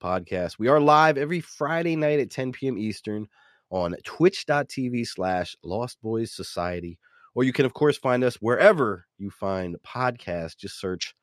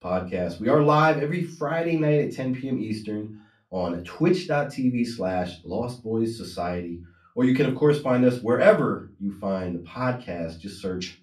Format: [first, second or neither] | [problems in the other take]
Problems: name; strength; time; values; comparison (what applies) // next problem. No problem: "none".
first | off-mic speech; far // room echo; very slight; dies away in 0.3 s